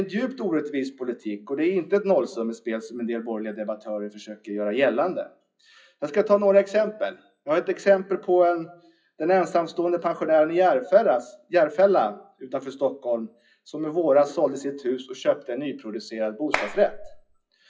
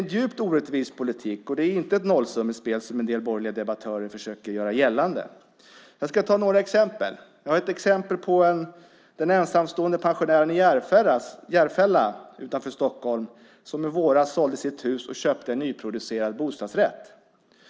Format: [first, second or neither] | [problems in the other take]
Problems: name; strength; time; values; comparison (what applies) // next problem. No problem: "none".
second | noise reduction (classical method WPE with log-MMSE)